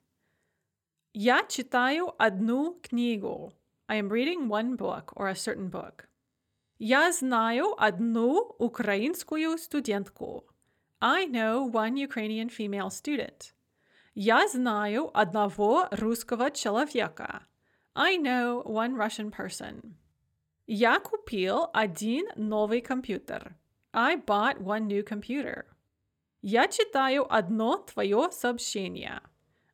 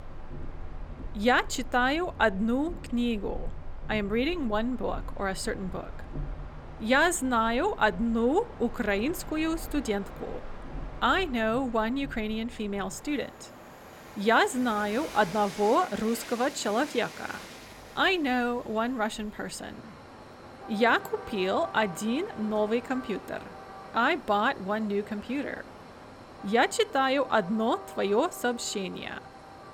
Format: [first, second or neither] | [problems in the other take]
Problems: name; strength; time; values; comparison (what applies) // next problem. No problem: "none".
first | train or aircraft noise; noticeable; throughout; 15 dB below the speech